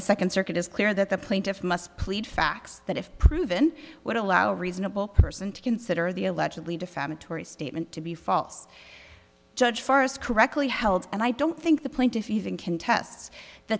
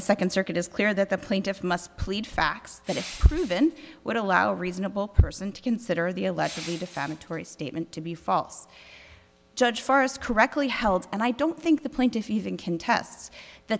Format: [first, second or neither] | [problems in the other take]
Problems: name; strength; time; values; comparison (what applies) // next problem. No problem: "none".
first | background sound (Crushing); 18 dB below the speech